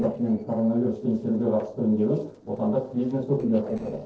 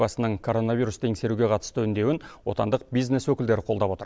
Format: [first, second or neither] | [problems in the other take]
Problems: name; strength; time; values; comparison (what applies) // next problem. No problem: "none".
second | noise reduction (neural separator model SepFormer DNS4)